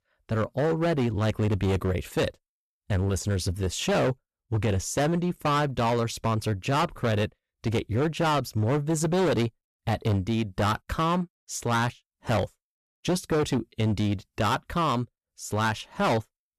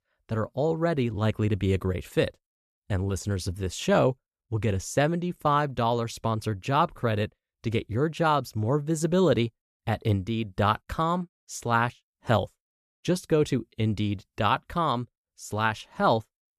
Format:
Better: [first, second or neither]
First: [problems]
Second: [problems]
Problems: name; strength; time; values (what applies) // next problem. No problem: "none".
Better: second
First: distortion; heavy; 15% of the sound clipped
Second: none